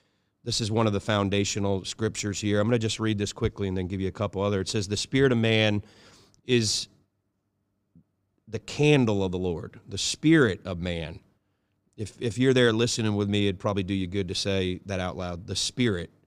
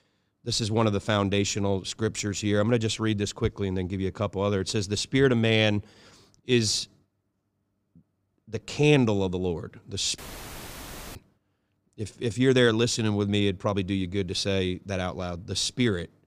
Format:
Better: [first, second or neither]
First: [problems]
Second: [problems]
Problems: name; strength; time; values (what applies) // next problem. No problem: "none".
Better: first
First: none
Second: audio cutting out; filled with static; at 10 s for 1 s